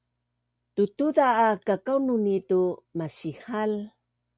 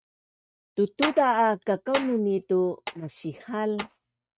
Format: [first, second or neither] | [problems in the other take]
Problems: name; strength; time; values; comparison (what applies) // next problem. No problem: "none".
first | noise reduction (neural mask model RNNoise)